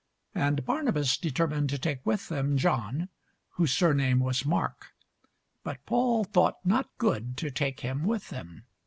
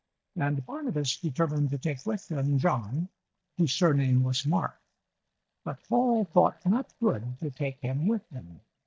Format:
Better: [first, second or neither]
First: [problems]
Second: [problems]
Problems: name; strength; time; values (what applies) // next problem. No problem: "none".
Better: first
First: none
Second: noise reduction (neural mask model DeepFilterNet 3)